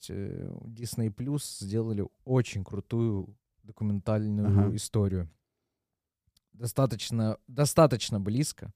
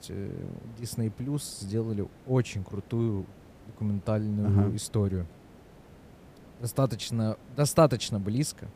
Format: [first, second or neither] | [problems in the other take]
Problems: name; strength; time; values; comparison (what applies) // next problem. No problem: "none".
first | hiss; faint; throughout; 25 dB below the speech